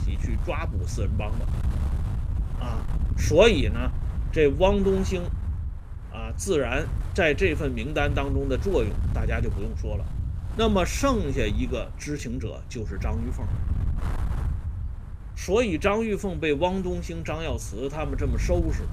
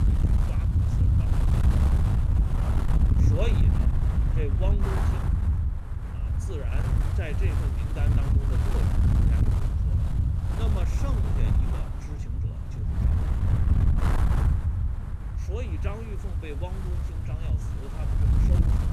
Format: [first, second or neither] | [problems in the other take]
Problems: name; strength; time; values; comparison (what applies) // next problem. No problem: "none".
first | wind noise on the microphone; heavy; 3 dB above the speech; occasional gusts in the first